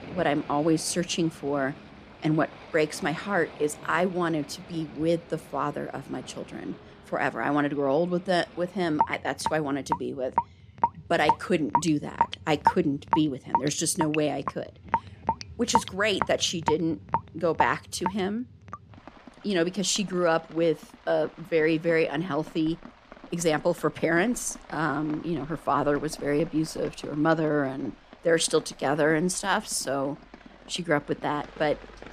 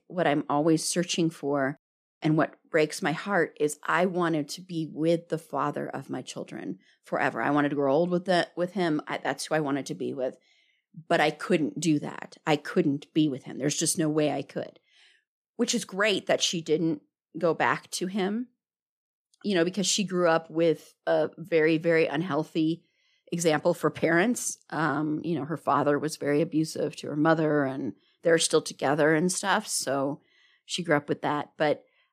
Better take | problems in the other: second | rain or running water; loud; throughout; 5 dB below the speech

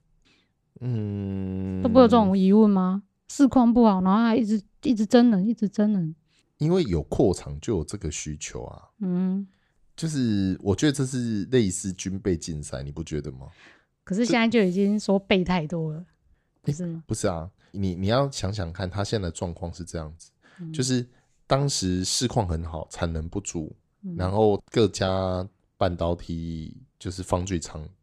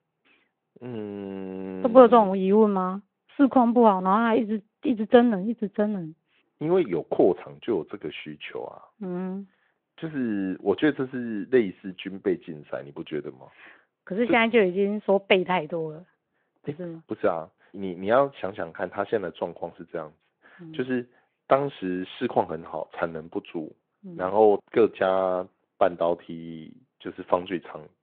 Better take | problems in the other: first | phone-call audio

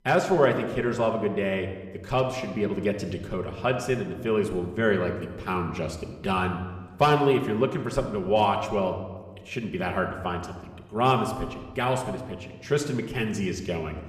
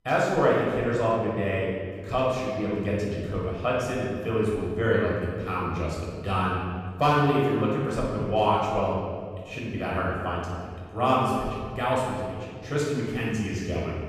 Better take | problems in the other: first | room echo; strong; dies away in 1.8 s; slight in the first // off-mic speech; far; somewhat distant in the first

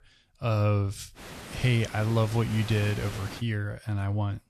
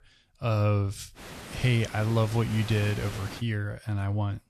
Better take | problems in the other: neither | hiss; noticeable; from 1 to 3.5 s; 15 dB below the speech; the same in both

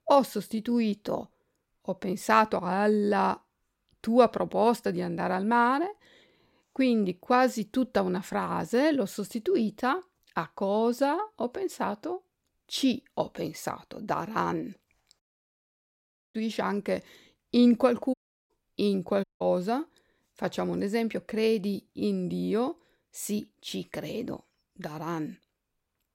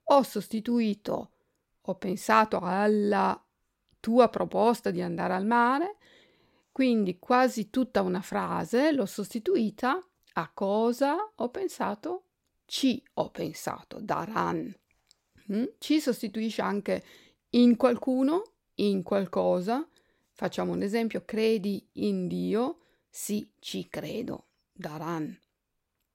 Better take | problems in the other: second | audio cutting out; at 15 s for 1 s, at 18 s and at 19 s

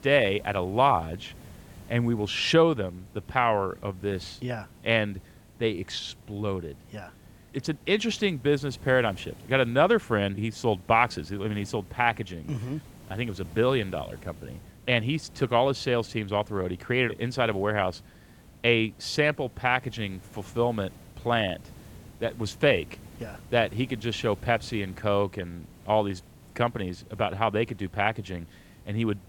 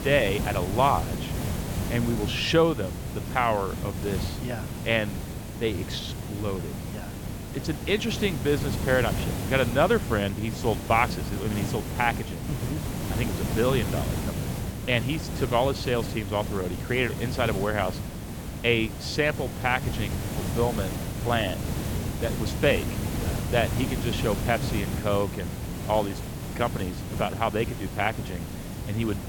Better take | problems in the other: first | hiss; loud; throughout; 4 dB below the speech; faint in the first

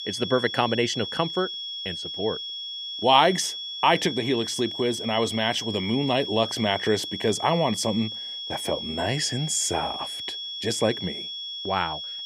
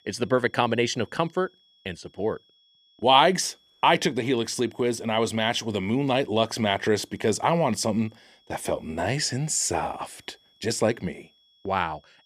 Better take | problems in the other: second | high-pitched whine; loud; throughout; 3.5 kHz, 6 dB below the speech; faint in the second

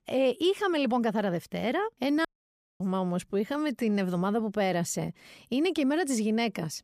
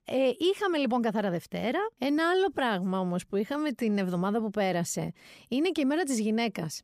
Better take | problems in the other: second | audio cutting out; at 2.5 s for 0.5 s

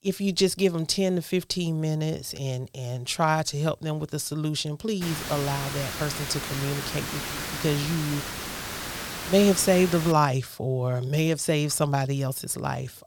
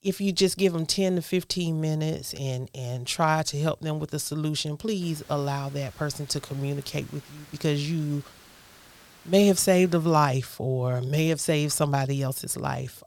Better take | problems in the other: second | hiss; loud; from 5 to 10 s; 6 dB below the speech; faint in the second

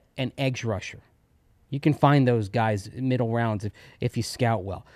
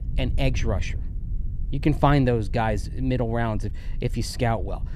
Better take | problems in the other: first | low rumble; faint; throughout; 20 dB below the speech

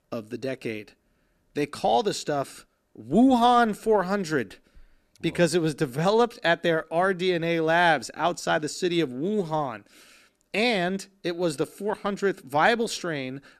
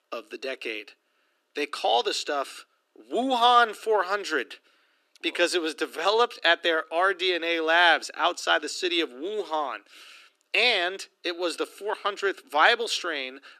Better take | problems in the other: first | thin; somewhat; fading below 300 Hz

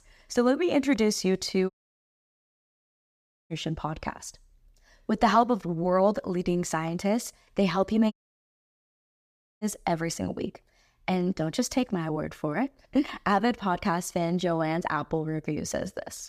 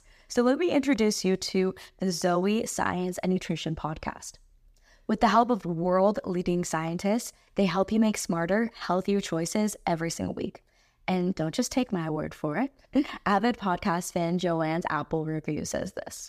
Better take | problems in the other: second | audio cutting out; at 1.5 s for 2 s and at 8 s for 1.5 s

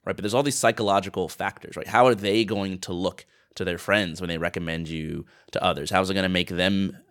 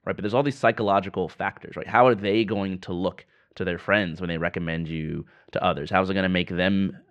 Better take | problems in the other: first | muffled; slightly; fading above 2.5 kHz

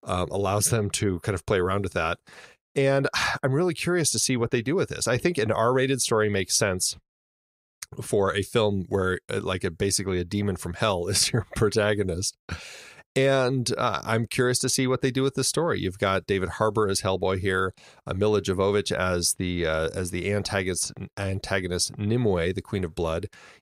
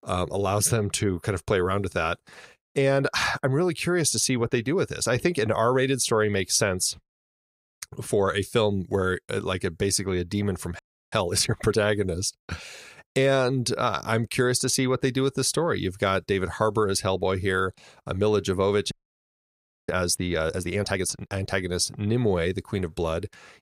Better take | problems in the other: first | audio freezing; at 11 s and at 19 s for 1 s

